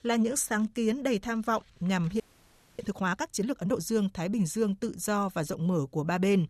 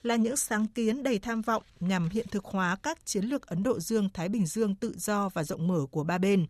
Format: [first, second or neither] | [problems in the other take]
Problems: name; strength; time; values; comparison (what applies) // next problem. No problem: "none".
second | audio freezing; at 2 s for 0.5 s